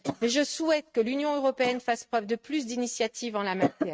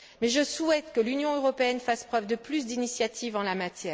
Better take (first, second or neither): second